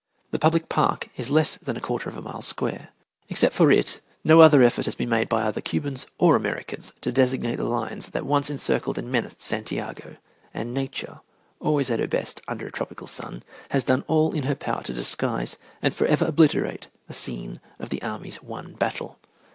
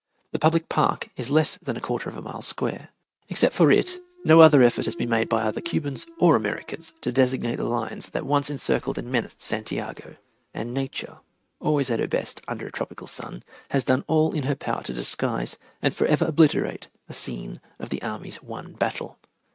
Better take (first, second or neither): first